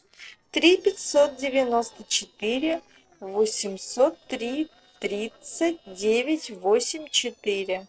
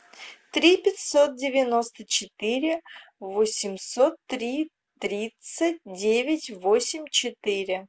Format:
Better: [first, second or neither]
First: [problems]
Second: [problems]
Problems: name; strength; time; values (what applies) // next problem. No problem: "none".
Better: second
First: noise reduction (neural separator model SepFormer DNS4)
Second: none